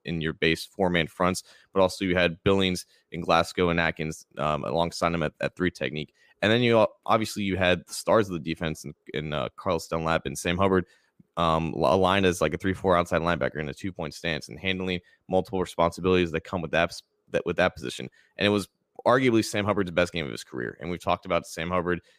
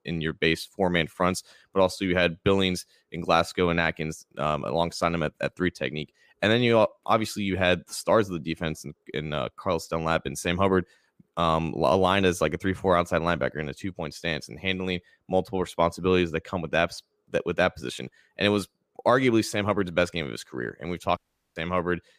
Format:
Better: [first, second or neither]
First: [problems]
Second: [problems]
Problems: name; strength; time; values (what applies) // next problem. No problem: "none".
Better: first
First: none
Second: audio cutting out; at 21 s